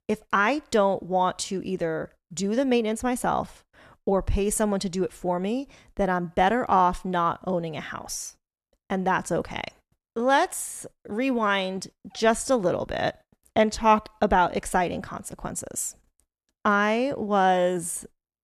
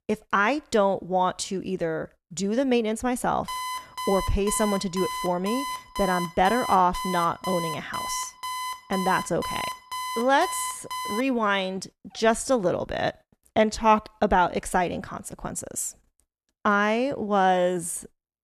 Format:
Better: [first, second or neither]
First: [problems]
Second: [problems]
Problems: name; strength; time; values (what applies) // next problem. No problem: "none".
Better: first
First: none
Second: alarm; noticeable; from 3.5 to 11 s; peak 6 dB below the speech